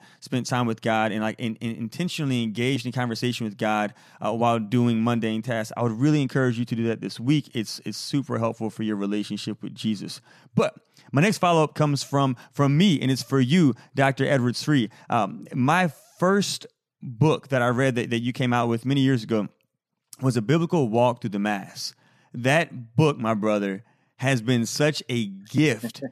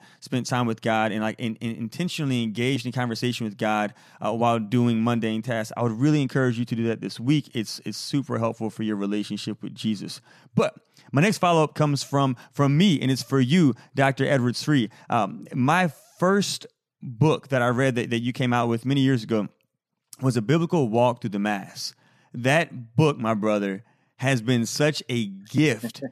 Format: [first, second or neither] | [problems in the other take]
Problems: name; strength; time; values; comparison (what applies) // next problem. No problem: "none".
neither | none